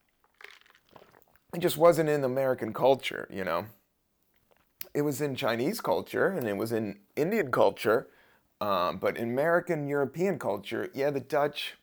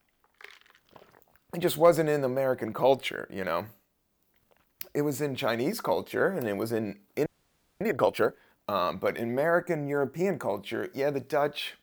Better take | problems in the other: first | audio freezing; at 7.5 s for 0.5 s

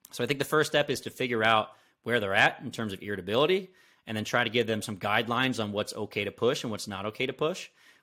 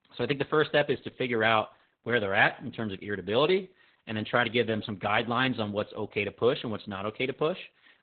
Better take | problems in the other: first | garbled, watery; badly; nothing above 4 kHz

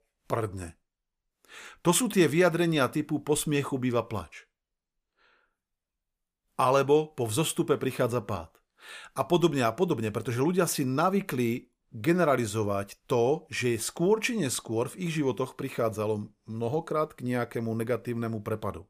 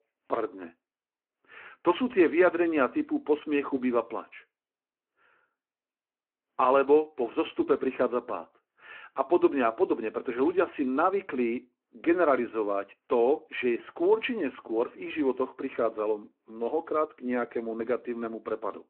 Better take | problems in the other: first | phone-call audio

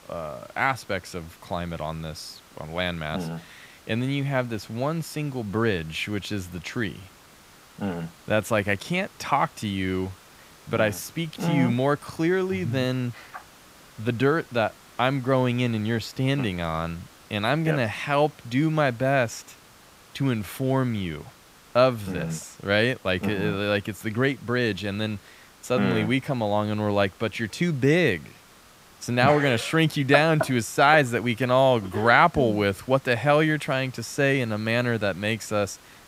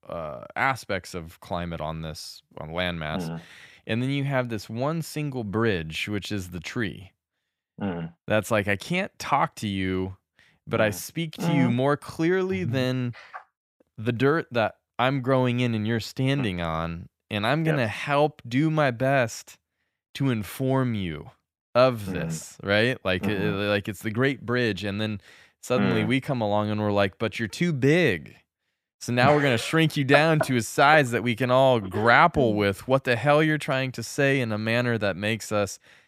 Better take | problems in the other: second | hiss; faint; throughout; 25 dB below the speech

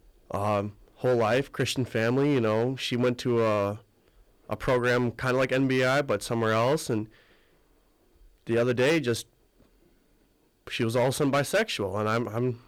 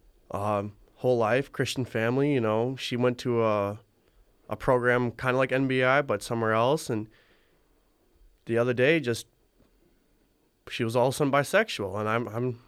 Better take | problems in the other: second | distortion; slight; 7% of the sound clipped

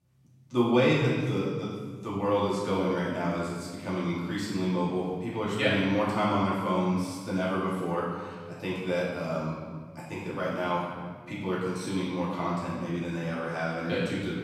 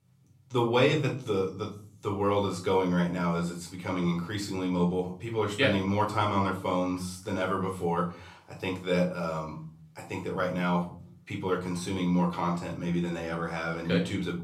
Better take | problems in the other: second | room echo; strong; dies away in 1.7 s; slight in the second // off-mic speech; far; far in the second

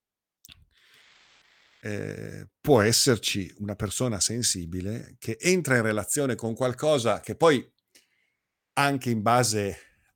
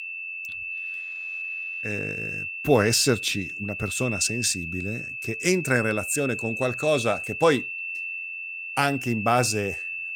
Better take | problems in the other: first | high-pitched whine; loud; throughout; 2.5 kHz, 6 dB below the speech

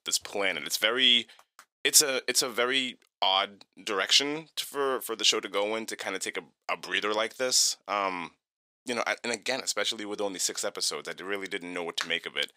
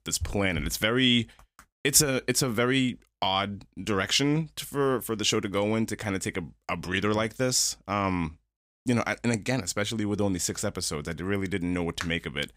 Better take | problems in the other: second | thin; somewhat; fading below 500 Hz

